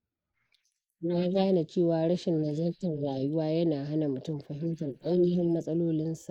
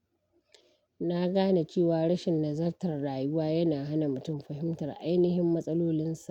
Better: second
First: noise reduction (neural mask model Resemble Enhance denoiser)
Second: none

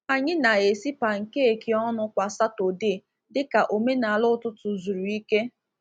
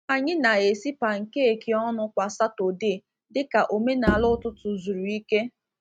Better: first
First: none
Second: noise reduction (neural mask model RNNoise)

